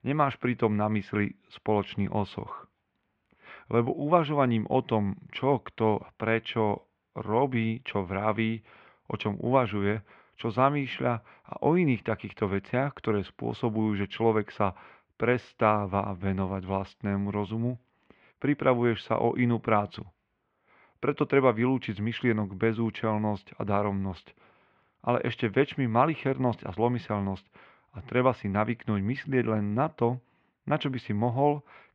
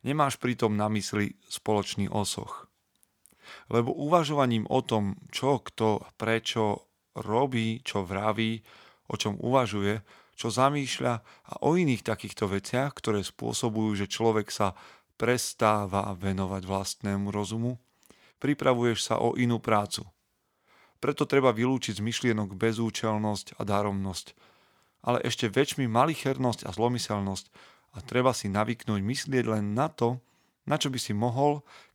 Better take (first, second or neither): second